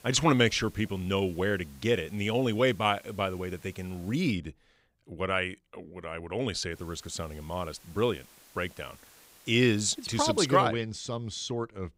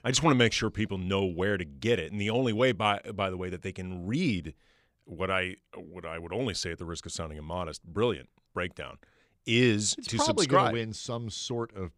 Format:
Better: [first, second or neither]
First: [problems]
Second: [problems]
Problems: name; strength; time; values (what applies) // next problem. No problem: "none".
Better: second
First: hiss; faint; until 4.5 s and from 6.5 to 11 s; 25 dB below the speech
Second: none